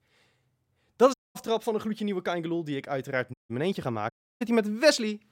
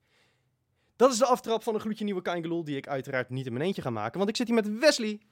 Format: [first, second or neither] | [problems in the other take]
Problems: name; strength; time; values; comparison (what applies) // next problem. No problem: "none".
second | audio cutting out; at 1 s, at 3.5 s and at 4 s